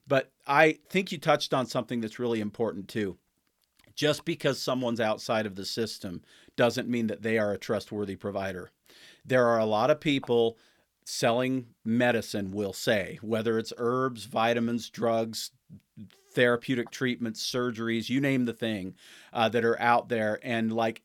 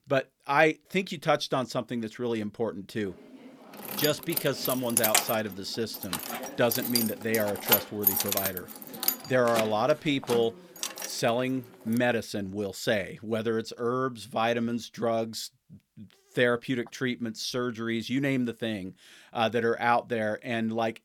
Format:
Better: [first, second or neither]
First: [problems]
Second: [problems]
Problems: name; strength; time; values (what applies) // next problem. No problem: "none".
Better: first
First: none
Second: jangling keys; loud; from 4 to 11 s; peak 7 dB above the speech